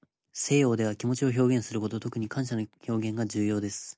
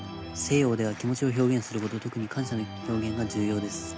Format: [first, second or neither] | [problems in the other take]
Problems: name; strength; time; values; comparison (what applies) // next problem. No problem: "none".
first | background sound (Organ); 11 dB below the speech